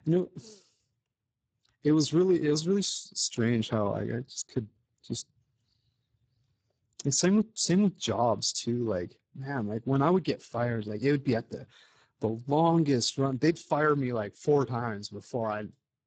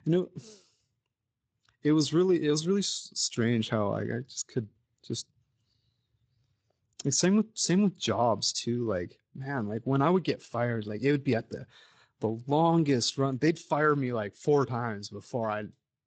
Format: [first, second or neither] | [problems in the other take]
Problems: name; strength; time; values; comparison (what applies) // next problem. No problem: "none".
second | garbled, watery; badly; nothing above 7.5 kHz; slightly in the second